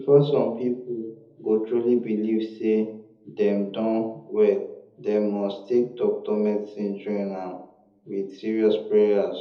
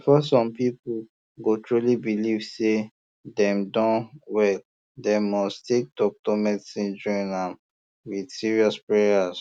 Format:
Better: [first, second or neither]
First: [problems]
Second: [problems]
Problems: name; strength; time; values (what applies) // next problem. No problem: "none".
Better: second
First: room echo; dies away in 0.8 s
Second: none